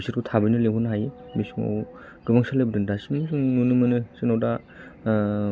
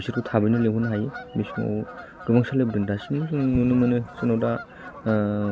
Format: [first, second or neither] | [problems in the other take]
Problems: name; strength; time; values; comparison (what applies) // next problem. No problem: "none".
first | background sound (Bird vocalization, bird call, bird song / Fowl + Explosion); 16 dB below the speech